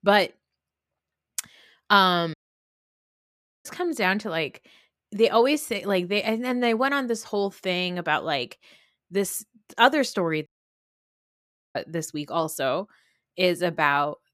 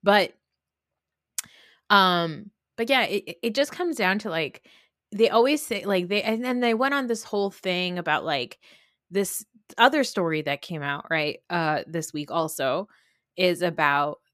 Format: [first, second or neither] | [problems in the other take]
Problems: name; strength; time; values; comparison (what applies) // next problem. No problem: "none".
second | audio cutting out; at 2.5 s for 1.5 s and at 10 s for 1.5 s